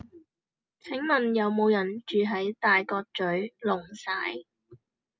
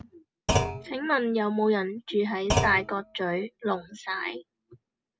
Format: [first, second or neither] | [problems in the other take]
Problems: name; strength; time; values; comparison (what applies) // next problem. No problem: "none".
first | background sound (Thump, thud); 3 dB below the speech